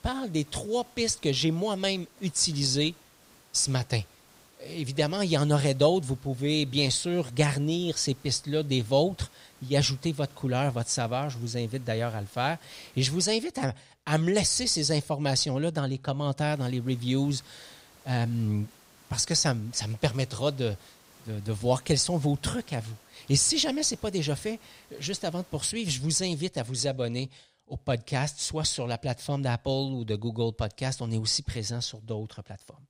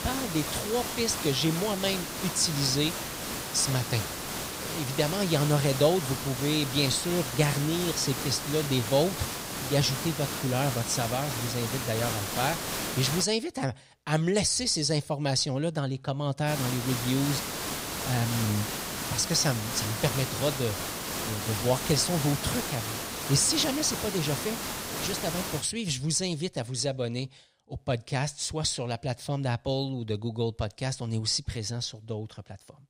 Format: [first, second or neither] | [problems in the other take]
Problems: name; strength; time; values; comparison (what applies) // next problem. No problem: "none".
first | hiss; loud; until 13 s and from 16 to 26 s; 4 dB below the speech; faint in the first